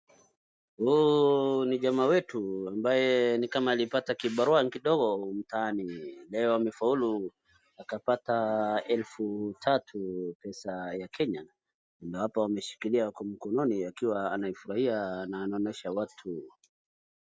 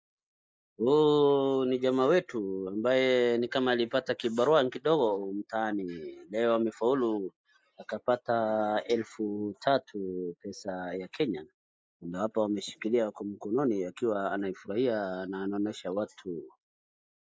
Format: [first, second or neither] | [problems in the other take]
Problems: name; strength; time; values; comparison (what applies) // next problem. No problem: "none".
first | noise reduction (neural mask model Resemble Enhance denoiser)